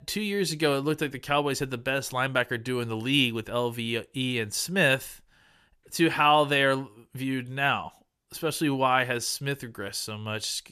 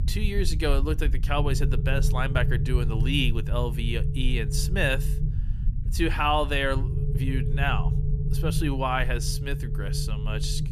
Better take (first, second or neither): first